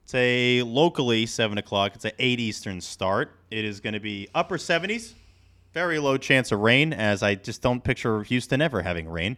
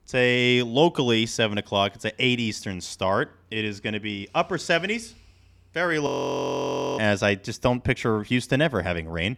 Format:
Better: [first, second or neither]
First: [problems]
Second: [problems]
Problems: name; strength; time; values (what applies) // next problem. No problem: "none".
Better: first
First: none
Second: audio freezing; at 6 s for 1 s